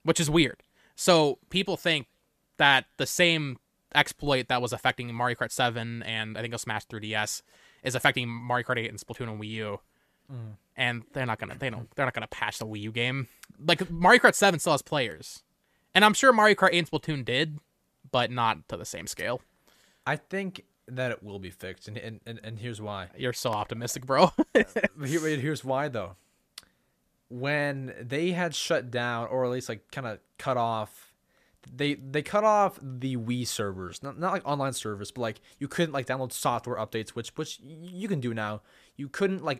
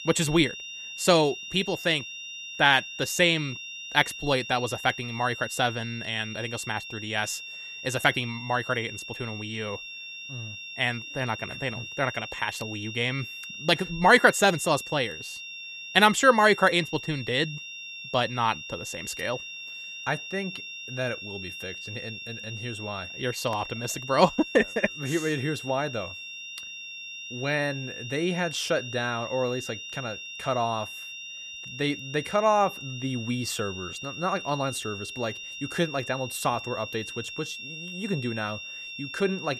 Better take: first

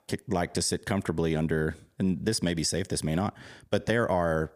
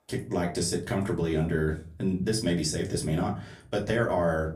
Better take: first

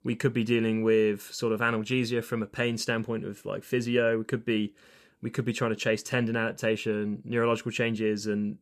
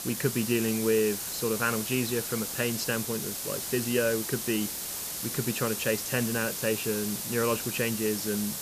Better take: first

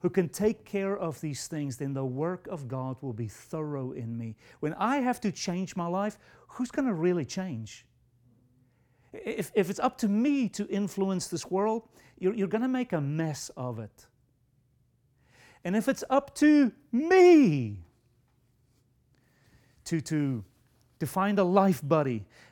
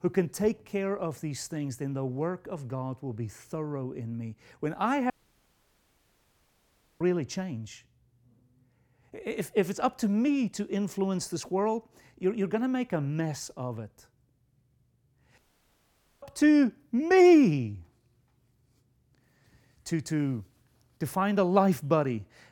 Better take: first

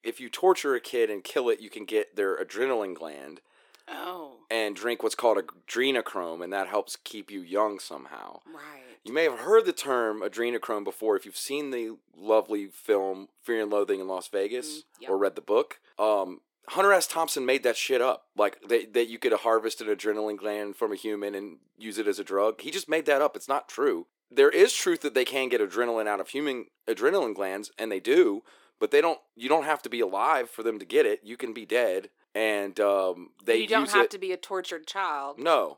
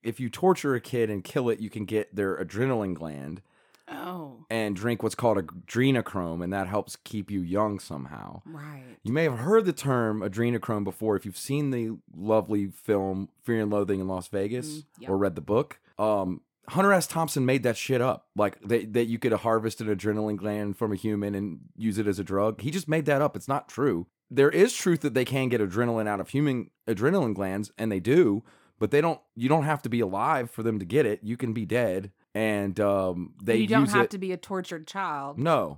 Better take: second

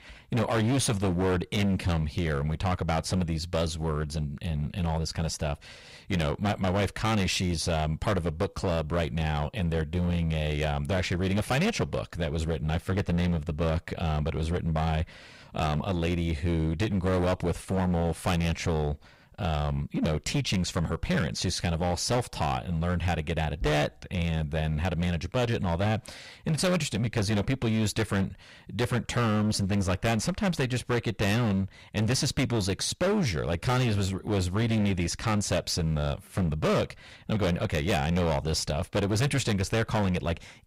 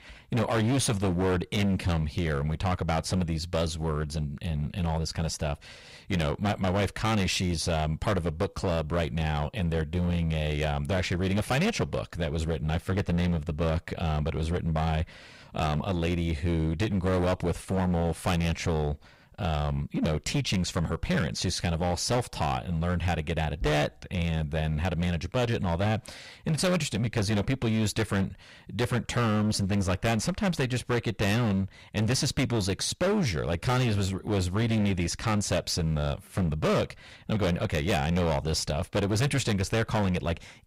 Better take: neither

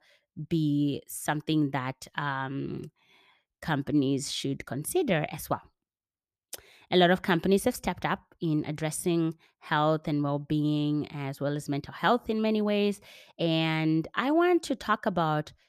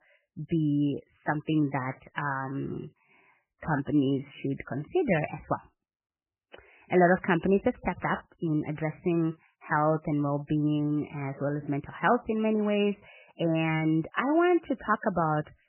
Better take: first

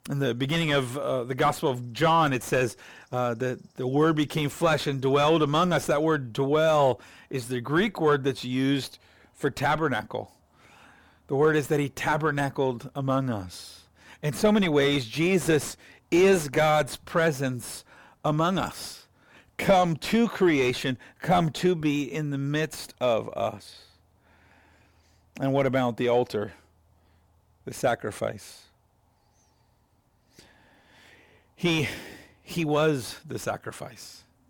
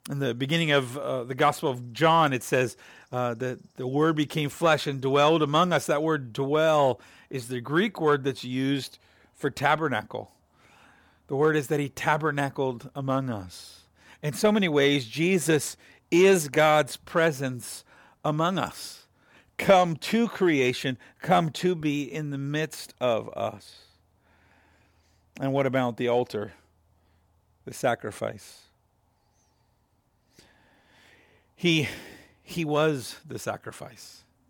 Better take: second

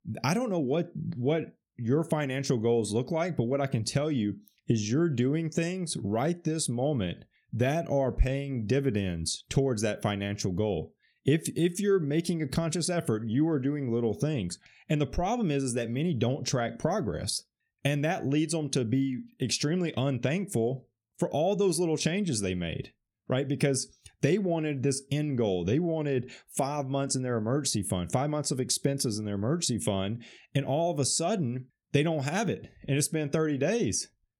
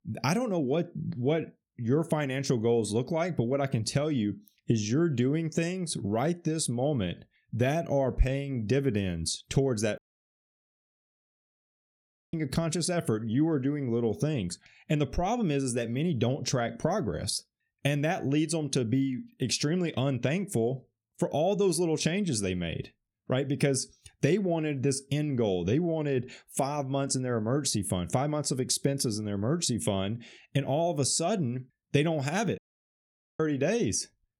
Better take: first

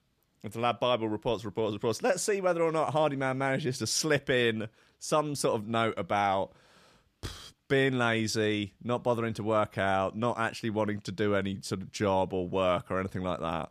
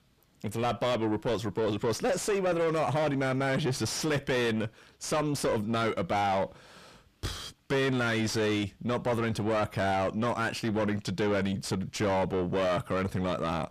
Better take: first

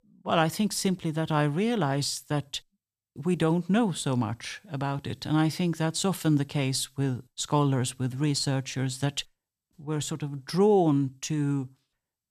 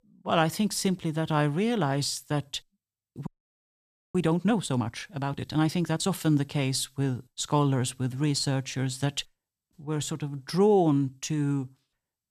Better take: first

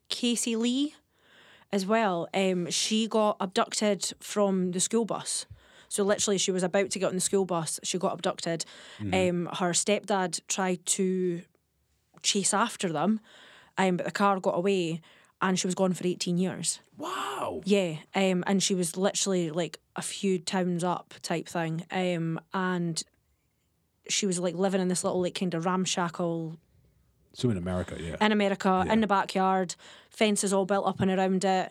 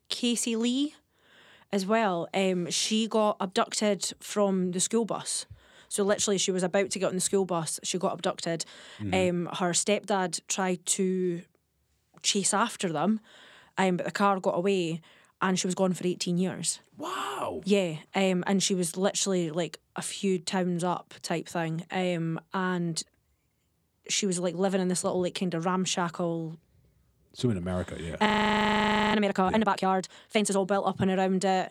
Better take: first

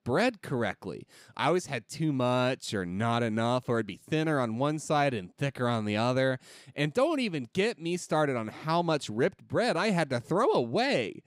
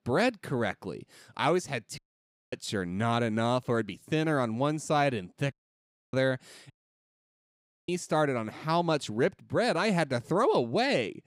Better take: first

